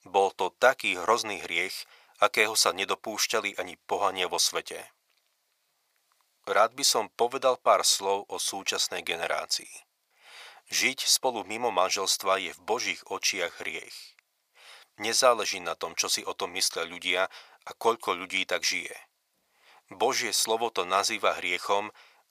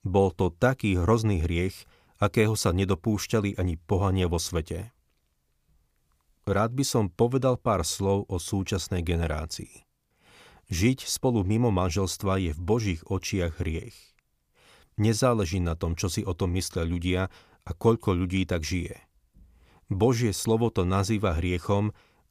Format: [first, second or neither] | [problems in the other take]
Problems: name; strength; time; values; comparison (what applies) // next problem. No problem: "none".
second | thin; very; fading below 850 Hz